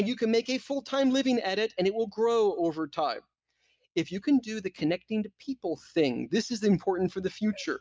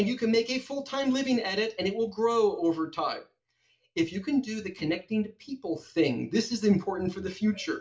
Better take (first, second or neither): first